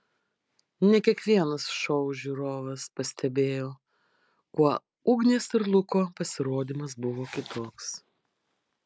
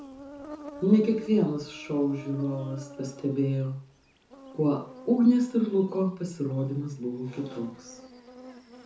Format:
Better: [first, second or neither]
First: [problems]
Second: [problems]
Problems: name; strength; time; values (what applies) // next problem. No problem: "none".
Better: first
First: none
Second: background sound (Insect); 18 dB below the speech // room echo; dies away in 0.6 s